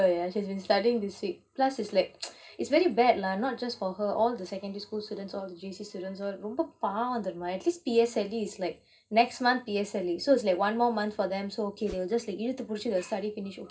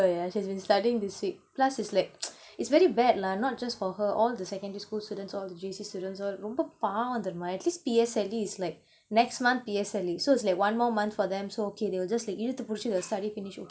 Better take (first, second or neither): second